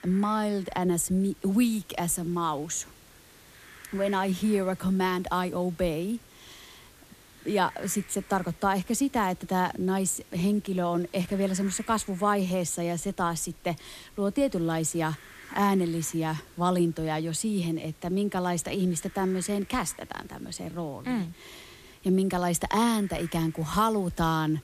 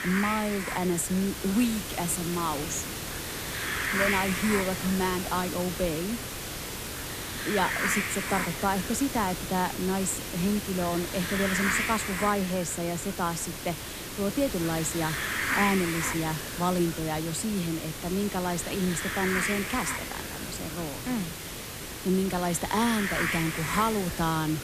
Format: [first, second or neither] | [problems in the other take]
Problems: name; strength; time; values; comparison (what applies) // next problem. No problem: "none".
first | hiss; loud; throughout; 2 dB below the speech; faint in the first